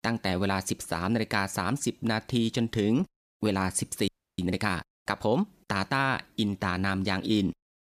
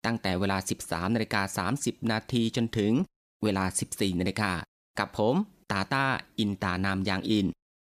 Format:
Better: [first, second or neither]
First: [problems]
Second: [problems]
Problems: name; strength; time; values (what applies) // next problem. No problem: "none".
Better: second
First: audio freezing; at 4 s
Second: none